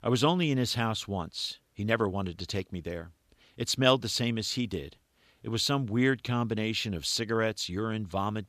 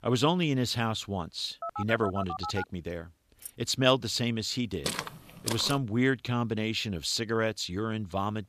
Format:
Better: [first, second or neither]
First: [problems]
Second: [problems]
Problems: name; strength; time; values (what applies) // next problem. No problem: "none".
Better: first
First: none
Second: phone ringing; noticeable; from 1.5 to 2.5 s; peak 7 dB below the speech // jangling keys; faint; at 3.5 s; peak 15 dB below the speech // footsteps; noticeable; at 5 s; peak 4 dB below the speech